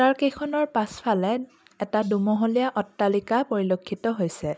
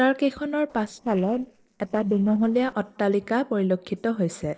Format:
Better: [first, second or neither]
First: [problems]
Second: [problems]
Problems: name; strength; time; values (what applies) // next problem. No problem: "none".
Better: first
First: none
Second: noise reduction (neural separator model SepFormer DNS4)